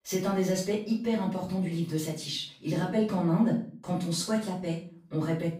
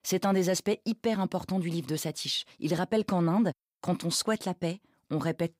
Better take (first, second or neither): second